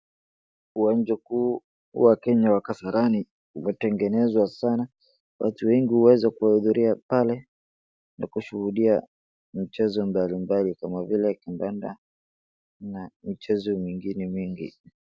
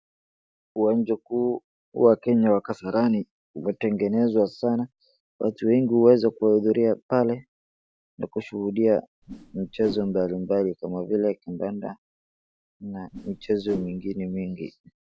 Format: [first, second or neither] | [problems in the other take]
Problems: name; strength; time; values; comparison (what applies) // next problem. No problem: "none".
first | background sound (Whoosh, swoosh, swish); 15 dB below the speech